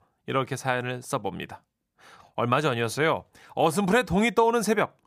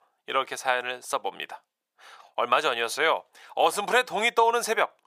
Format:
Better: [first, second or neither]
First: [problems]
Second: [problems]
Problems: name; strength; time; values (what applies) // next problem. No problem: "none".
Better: first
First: none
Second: thin; very; fading below 650 Hz